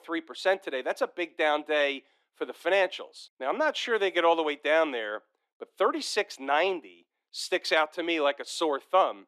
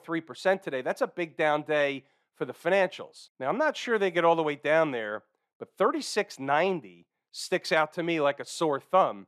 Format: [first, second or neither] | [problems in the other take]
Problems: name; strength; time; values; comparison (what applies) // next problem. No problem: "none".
second | thin; very slightly; fading below 250 Hz